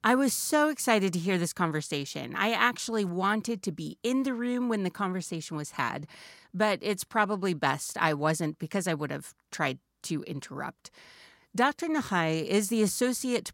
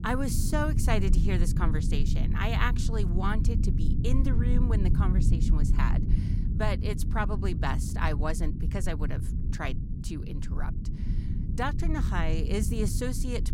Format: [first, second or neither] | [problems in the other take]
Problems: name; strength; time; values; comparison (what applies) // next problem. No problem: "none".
first | low rumble; loud; throughout; 8 dB below the speech